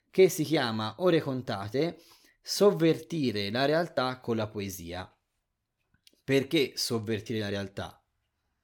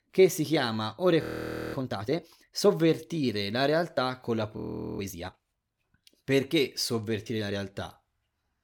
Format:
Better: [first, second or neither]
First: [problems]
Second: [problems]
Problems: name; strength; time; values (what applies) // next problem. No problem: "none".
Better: first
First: none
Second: audio freezing; at 1 s for 0.5 s and at 4.5 s